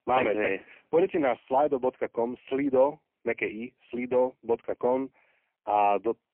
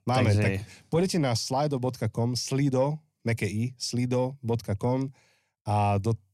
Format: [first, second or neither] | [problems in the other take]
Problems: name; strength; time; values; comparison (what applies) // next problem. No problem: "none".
second | phone-call audio; poor line